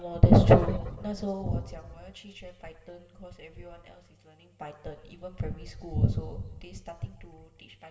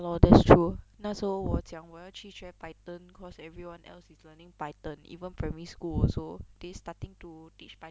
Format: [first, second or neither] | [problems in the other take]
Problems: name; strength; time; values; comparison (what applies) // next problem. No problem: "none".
second | room echo; dies away in 1.4 s